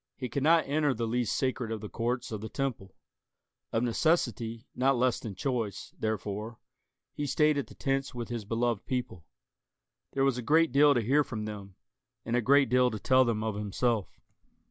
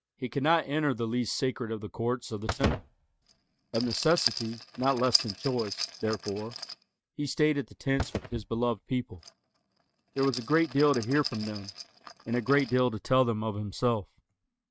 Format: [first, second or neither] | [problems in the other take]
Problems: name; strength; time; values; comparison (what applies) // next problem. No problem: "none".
first | noise reduction (neural mask model RNNoise)